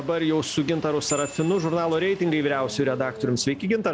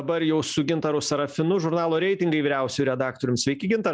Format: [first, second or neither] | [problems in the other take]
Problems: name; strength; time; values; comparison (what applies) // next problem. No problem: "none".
second | background sound (Engine starting + Bicycle bell); 15 dB below the speech